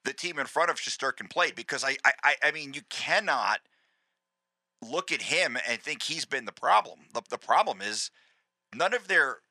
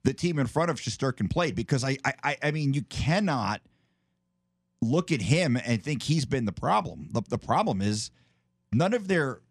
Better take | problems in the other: second | thin; very; fading below 700 Hz

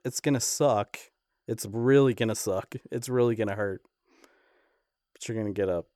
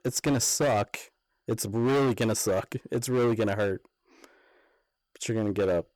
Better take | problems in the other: first | distortion; heavy; 12% of the sound clipped

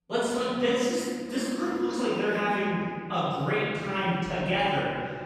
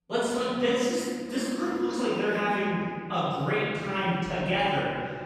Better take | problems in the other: neither | off-mic speech; far; the same in both // room echo; strong; dies away in 2.2 s; the same in both

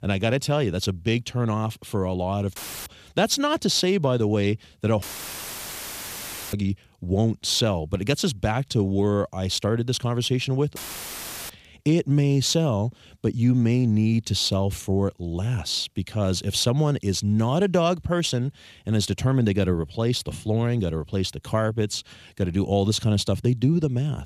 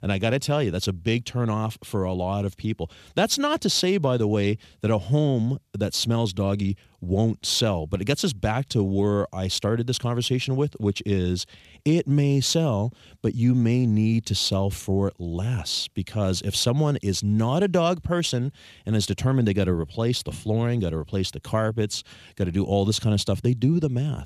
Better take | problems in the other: second | audio cutting out; filled with static; at 2.5 s, at 5 s for 1.5 s and at 11 s for 0.5 s

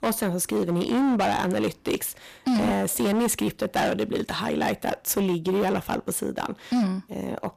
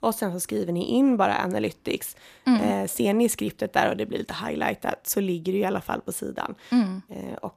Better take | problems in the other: second | distortion; heavy; 15% of the sound clipped

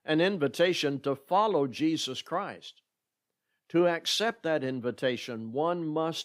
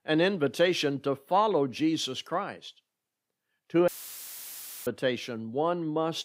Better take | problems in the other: first | audio cutting out; filled with static; at 4 s for 1 s

